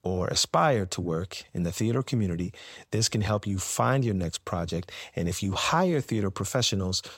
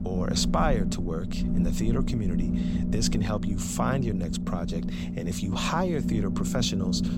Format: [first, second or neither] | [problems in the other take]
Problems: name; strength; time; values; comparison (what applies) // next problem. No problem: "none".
first | low rumble; loud; throughout; 5 dB below the speech